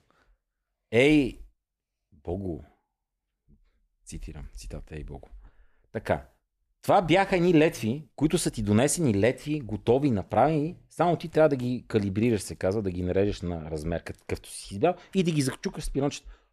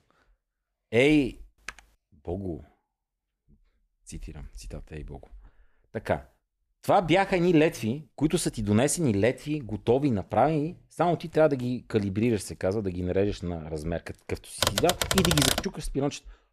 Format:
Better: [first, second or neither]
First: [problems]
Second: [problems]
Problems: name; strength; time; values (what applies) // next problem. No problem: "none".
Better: first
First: none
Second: keyboard typing; faint; at 1.5 s; peak 15 dB below the speech // keyboard typing; loud; from 15 to 16 s; peak 4 dB above the speech